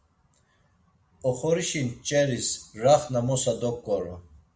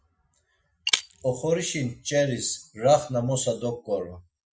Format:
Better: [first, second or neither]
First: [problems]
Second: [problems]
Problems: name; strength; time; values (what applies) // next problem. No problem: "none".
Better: first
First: none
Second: noise reduction (classical method Wiener filter)